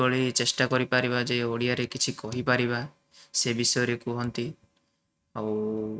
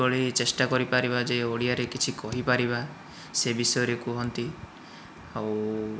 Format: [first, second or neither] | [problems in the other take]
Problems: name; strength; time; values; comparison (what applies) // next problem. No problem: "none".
second | noise reduction (neural mask model RNNoise)